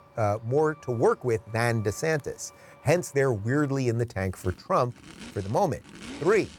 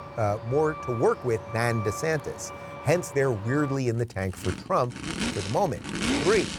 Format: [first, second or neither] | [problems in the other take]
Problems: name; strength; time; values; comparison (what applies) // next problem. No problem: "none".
first | traffic noise; loud; throughout; 7 dB below the speech; faint in the first